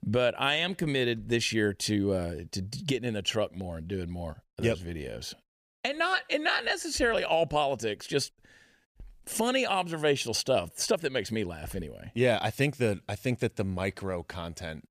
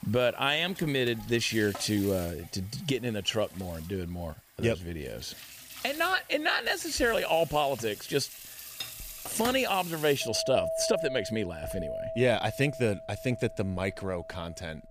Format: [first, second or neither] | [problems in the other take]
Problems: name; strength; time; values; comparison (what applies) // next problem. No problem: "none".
first | household noises; noticeable; throughout; 10 dB below the speech